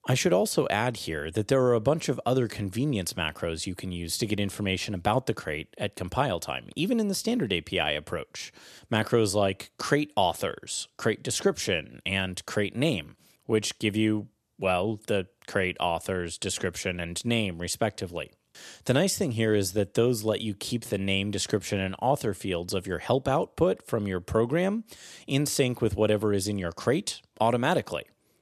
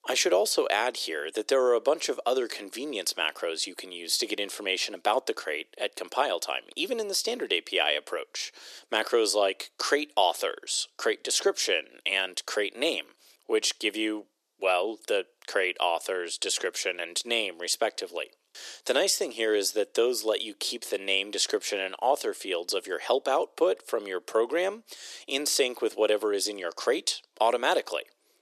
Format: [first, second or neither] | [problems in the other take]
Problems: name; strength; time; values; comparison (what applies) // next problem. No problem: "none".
first | thin; very; fading below 350 Hz